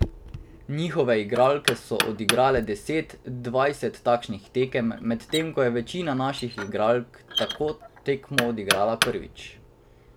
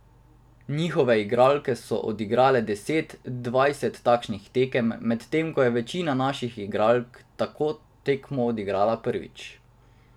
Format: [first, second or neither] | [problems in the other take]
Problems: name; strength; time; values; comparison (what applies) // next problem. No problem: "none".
second | background sound (Knock); 7 dB below the speech